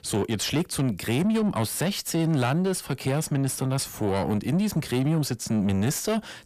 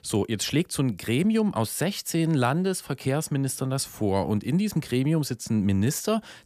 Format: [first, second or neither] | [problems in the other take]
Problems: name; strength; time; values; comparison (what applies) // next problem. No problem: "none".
second | distortion; slight; 10 dB below the speech